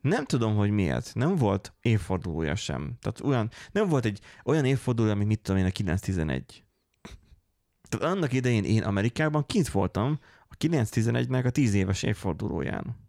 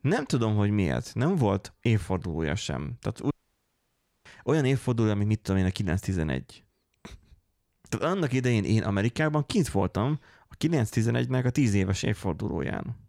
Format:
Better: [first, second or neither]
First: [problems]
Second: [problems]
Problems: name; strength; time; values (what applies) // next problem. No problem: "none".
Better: first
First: none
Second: audio cutting out; at 3.5 s for 1 s